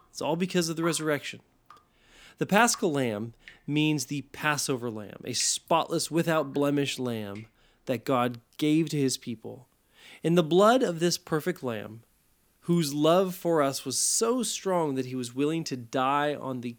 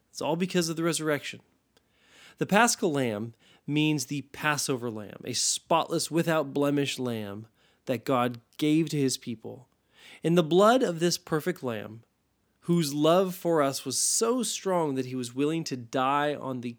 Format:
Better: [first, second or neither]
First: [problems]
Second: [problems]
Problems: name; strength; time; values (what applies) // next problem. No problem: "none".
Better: second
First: rain or running water; faint; throughout; 20 dB below the speech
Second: none